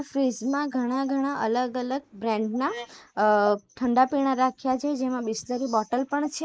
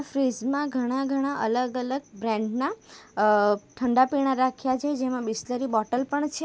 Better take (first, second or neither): second